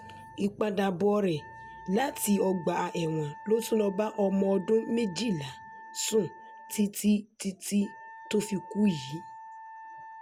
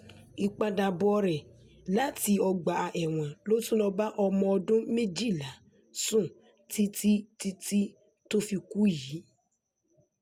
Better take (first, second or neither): second